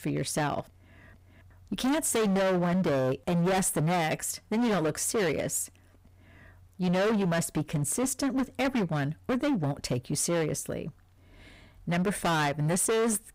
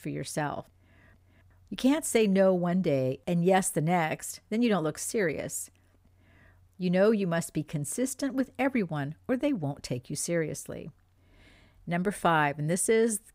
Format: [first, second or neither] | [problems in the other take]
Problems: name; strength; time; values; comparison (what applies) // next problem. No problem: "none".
second | distortion; heavy; 20% of the sound clipped